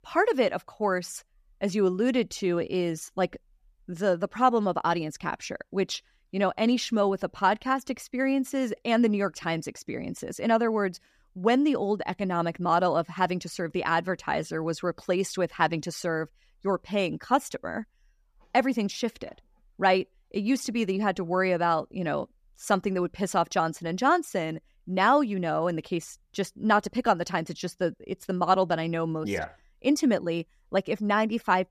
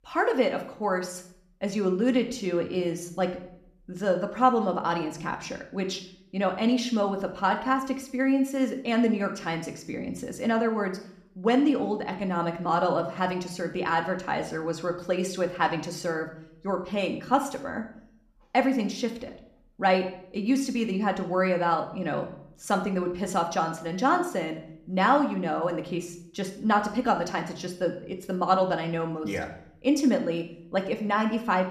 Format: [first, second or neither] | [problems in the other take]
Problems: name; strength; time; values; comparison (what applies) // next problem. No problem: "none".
first | room echo; slight; dies away in 0.5 s